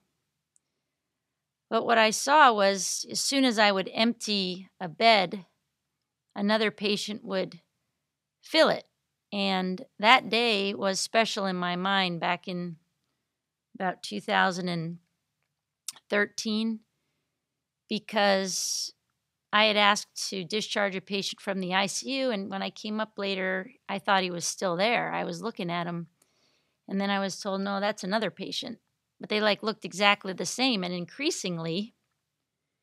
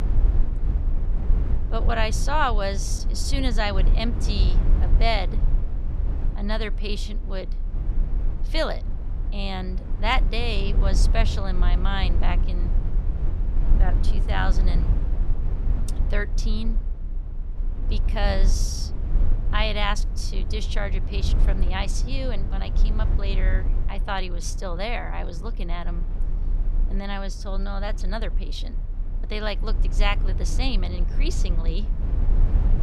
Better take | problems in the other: first | low rumble; noticeable; throughout; 15 dB below the speech

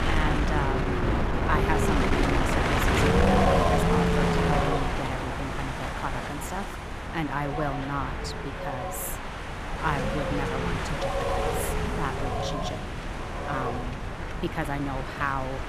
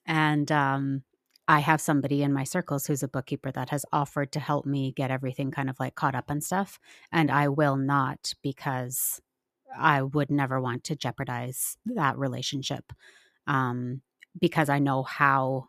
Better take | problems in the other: second | wind noise on the microphone; heavy; 5 dB above the speech

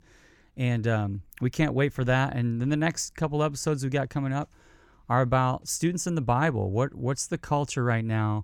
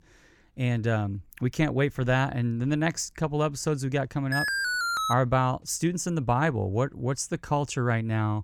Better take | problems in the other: first | alarm; loud; at 4.5 s; peak 1 dB above the speech

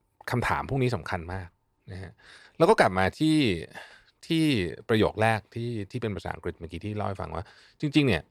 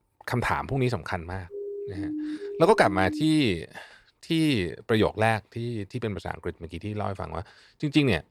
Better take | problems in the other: first | siren; noticeable; from 1.5 to 3.5 s; peak 6 dB below the speech

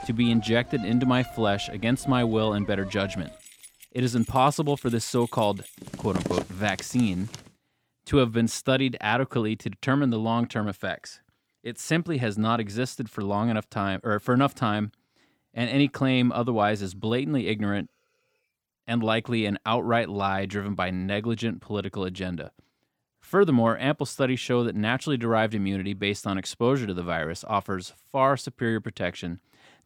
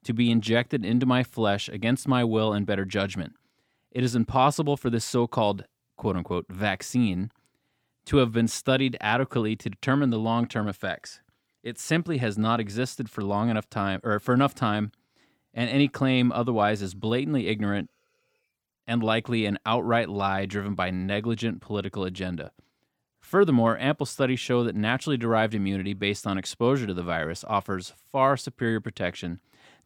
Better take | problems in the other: second | household noises; noticeable; until 7.5 s; 15 dB below the speech

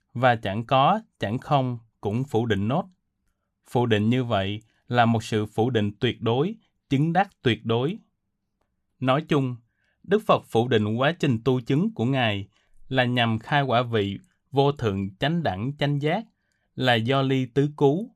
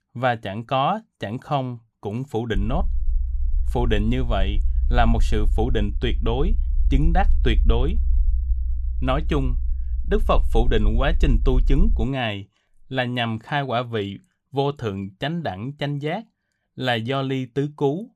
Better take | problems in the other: first | low rumble; faint; from 2.5 to 12 s; 20 dB below the speech

